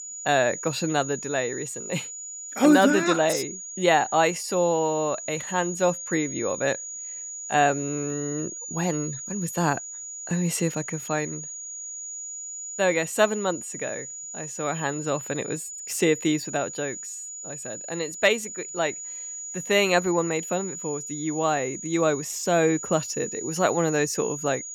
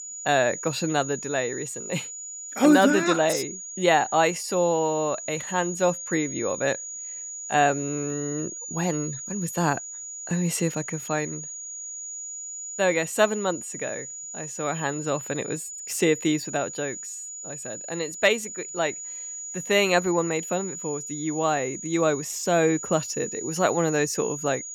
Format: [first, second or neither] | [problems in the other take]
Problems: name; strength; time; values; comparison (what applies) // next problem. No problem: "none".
neither | high-pitched whine; loud; throughout; 7 kHz, 8 dB below the speech; the same in both